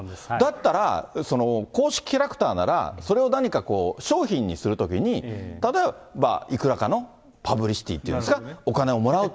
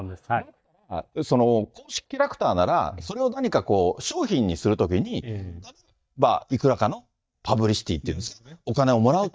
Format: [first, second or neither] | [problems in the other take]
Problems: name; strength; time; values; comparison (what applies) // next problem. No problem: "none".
first | noise reduction (neural mask model DeepFilterNet 3)